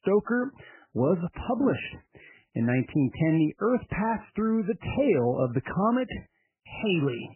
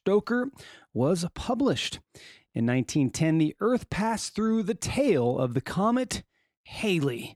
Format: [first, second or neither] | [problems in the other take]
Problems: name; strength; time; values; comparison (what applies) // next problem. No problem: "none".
second | garbled, watery; badly; nothing above 3 kHz